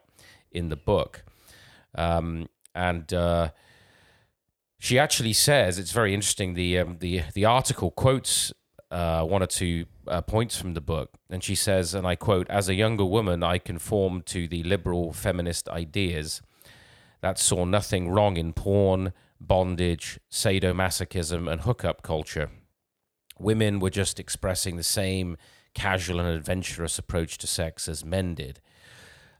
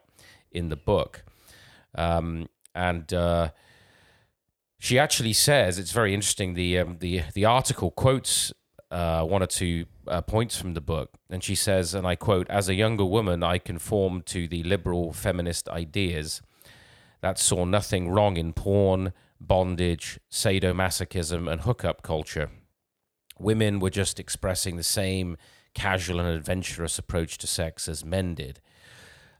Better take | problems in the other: neither | none

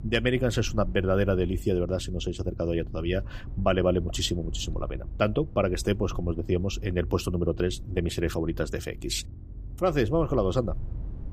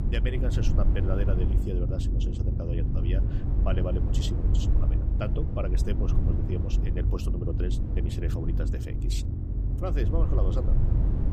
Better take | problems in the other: first | low rumble; loud; throughout; 3 dB below the speech; faint in the first

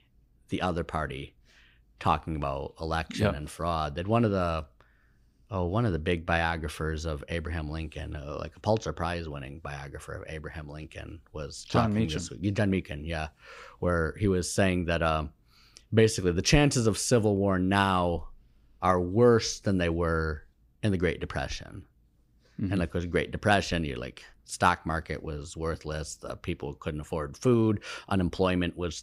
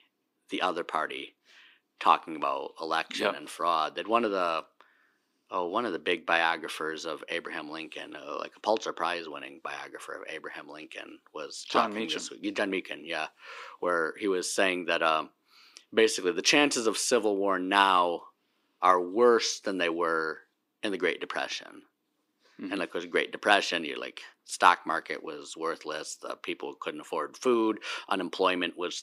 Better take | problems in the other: first | thin; somewhat; fading below 300 Hz

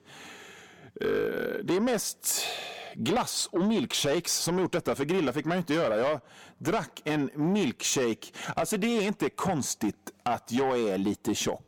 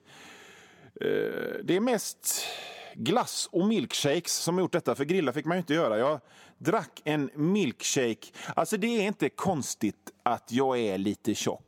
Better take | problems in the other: second | distortion; slight; 10 dB below the speech

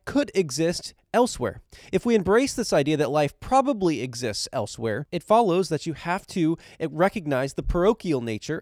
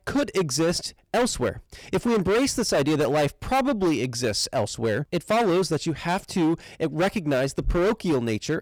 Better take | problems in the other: first | distortion; heavy; 16% of the sound clipped

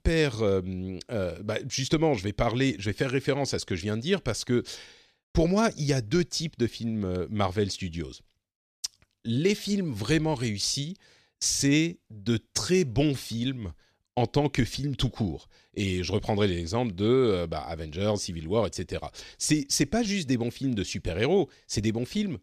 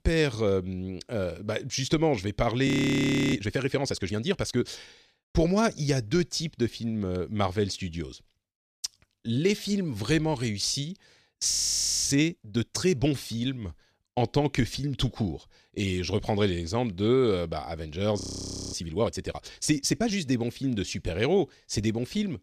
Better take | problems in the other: first | audio freezing; at 2.5 s for 0.5 s, at 12 s for 0.5 s and at 18 s for 0.5 s

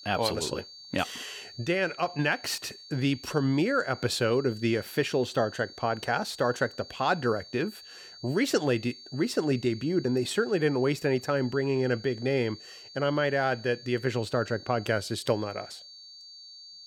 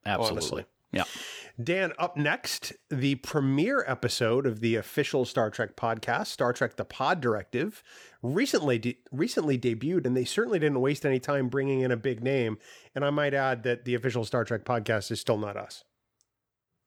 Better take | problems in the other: second | high-pitched whine; noticeable; throughout; 4.5 kHz, 15 dB below the speech

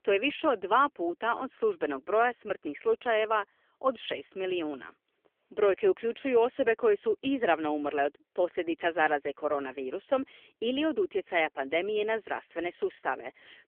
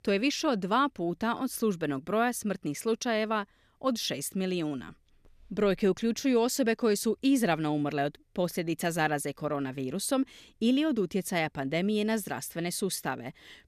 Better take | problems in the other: second | phone-call audio; poor line; nothing above 3.5 kHz

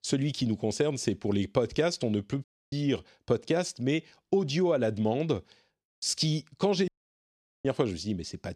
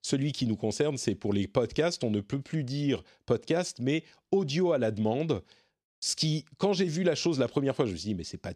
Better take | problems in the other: second | audio cutting out; at 2.5 s and at 7 s for 1 s

